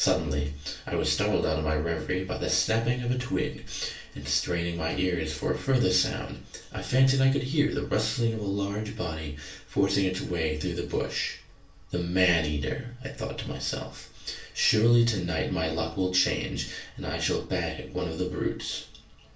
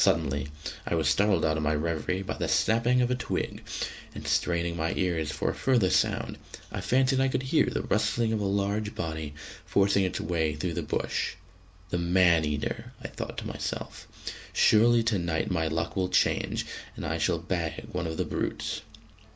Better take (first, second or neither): second